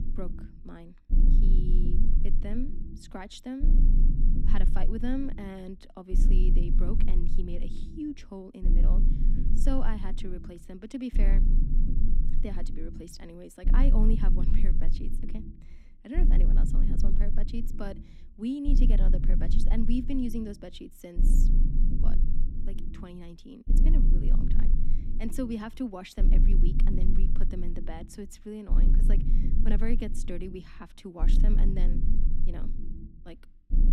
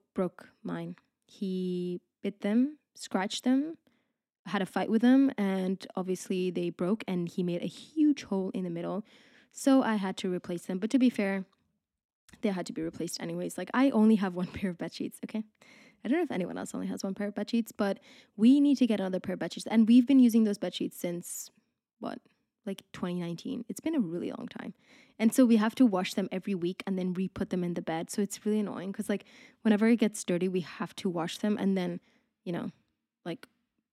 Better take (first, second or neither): second